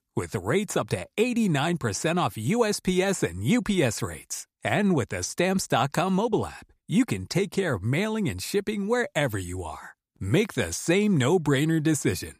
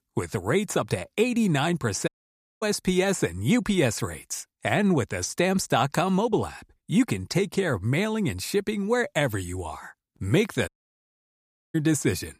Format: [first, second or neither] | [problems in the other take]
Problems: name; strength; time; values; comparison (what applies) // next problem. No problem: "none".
first | audio cutting out; at 2 s for 0.5 s and at 11 s for 1 s